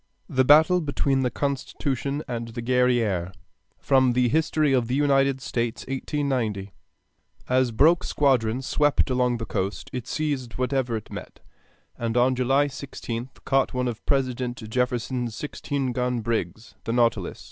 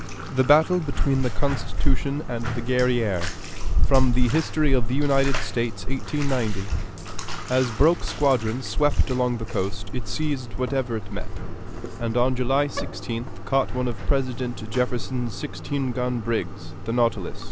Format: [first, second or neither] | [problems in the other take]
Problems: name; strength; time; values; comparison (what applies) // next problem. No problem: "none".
first | background sound (Bathtub (filling or washing)); 1 dB above the speech